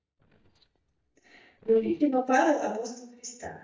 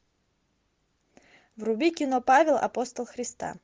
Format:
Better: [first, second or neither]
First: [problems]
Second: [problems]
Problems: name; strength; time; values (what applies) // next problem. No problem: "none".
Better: second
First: noise reduction (neural mask model DeepFilterNet 3)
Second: none